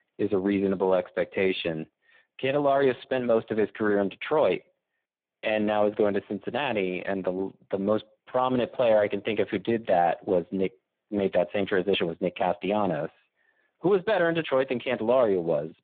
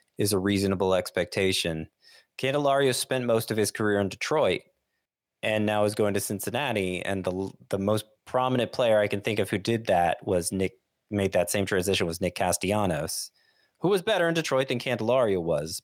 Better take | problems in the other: second | phone-call audio; poor line; nothing above 3.5 kHz

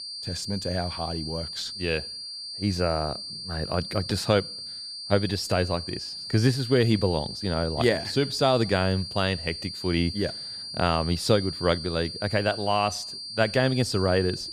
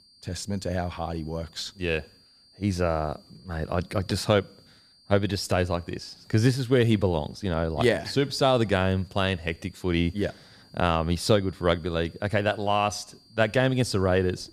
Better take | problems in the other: second | high-pitched whine; loud; throughout; 4.5 kHz, 8 dB below the speech; faint in the second

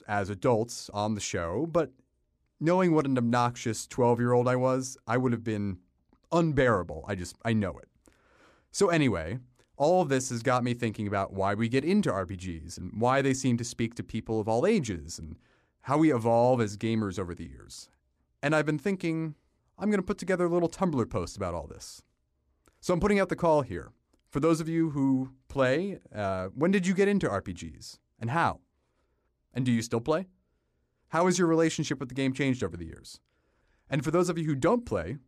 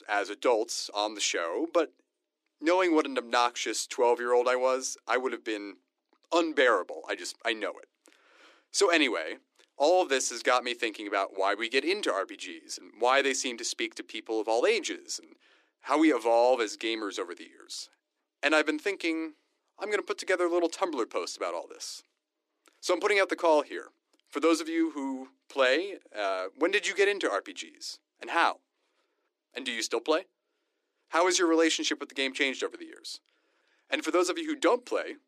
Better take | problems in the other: first | thin; very; fading below 300 Hz

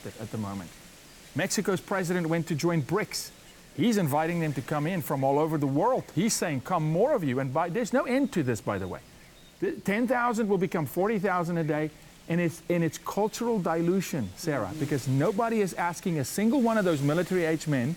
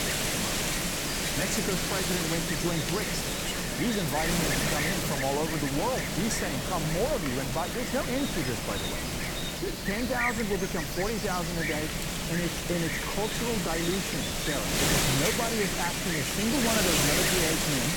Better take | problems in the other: first | wind noise on the microphone; heavy; 4 dB above the speech; occasional gusts in the first

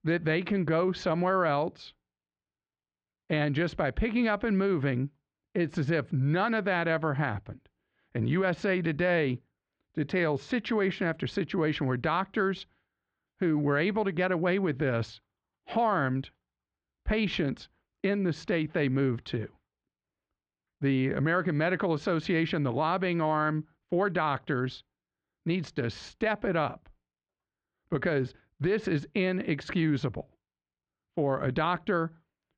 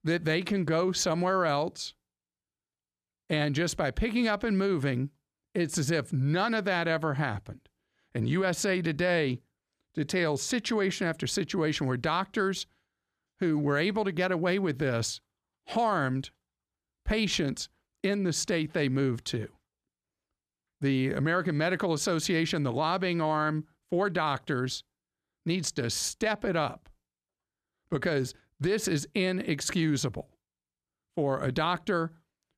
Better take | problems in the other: second | muffled; slightly; fading above 3 kHz

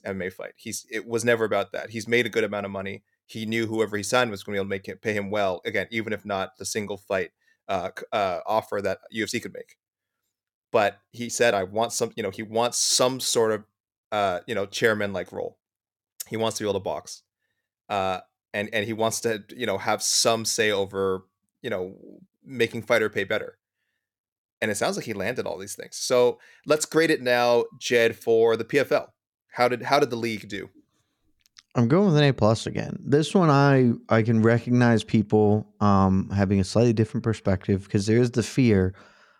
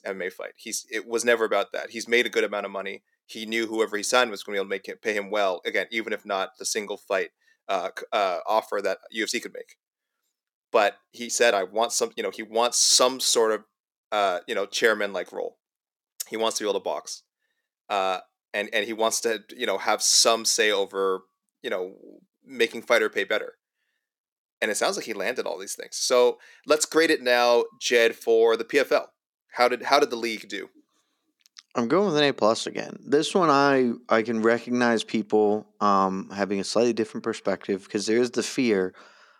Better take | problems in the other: first | thin; somewhat; fading below 250 Hz

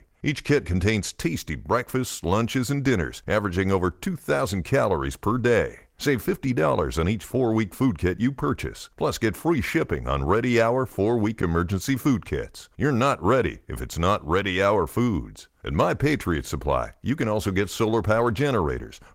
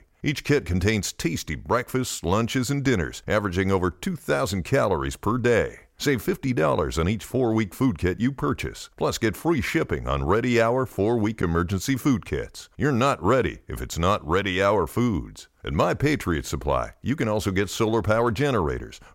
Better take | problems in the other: second | garbled, watery; slightly; nothing above 16 kHz

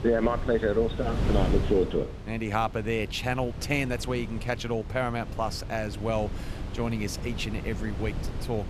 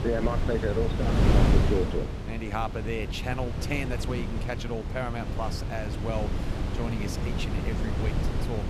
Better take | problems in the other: first | wind noise on the microphone; heavy; 3 dB below the speech; occasional gusts in the first

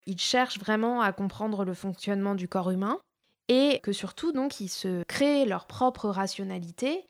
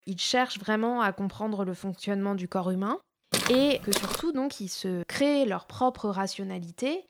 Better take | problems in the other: first | footsteps; loud; at 3.5 s; peak 1 dB above the speech

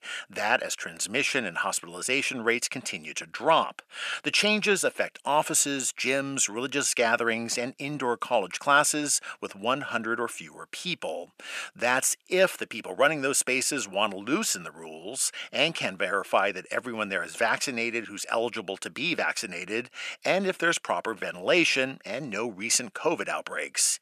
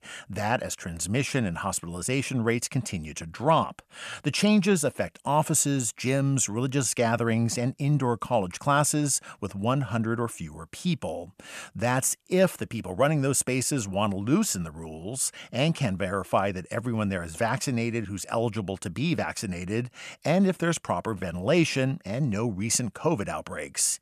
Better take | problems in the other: second | thin; somewhat; fading below 400 Hz

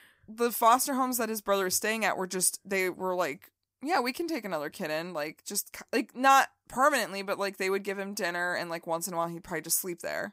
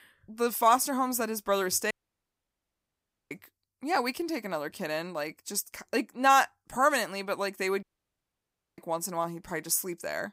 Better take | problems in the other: first | audio cutting out; at 2 s for 1.5 s and at 8 s for 1 s

